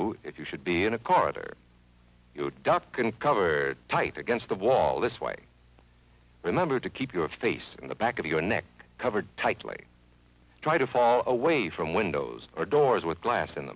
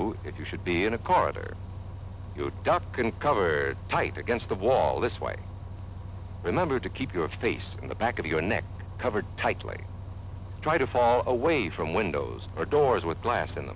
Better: first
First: none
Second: background sound (Bus); 10 dB below the speech

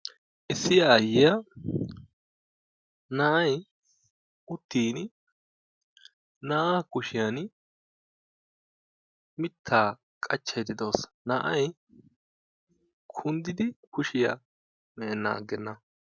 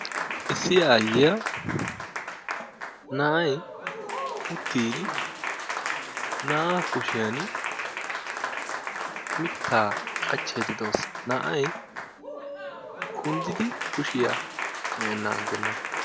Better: first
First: none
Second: background sound (Applause); 3 dB below the speech

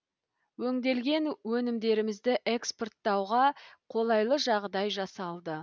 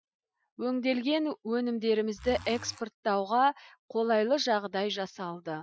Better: first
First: none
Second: noise reduction (classical method Wiener filter)

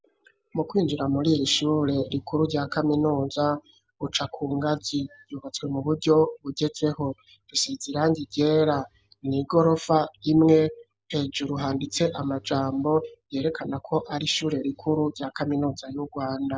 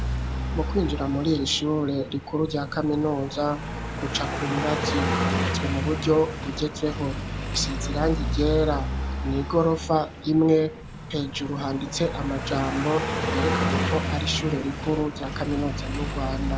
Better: first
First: none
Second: background sound (Car passing by); 2 dB below the speech

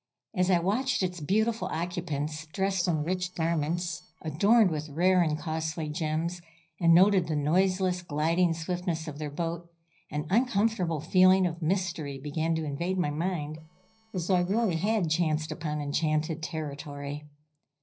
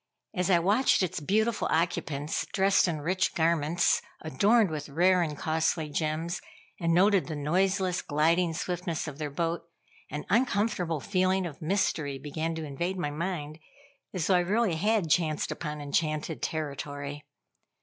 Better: second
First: noise reduction (neural separator model SepFormer DNS4)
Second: none

